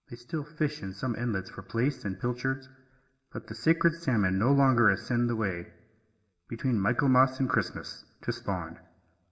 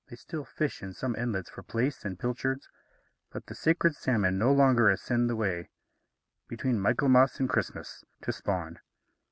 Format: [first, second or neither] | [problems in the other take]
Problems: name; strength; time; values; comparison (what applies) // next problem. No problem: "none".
second | room echo; dies away in 0.6 s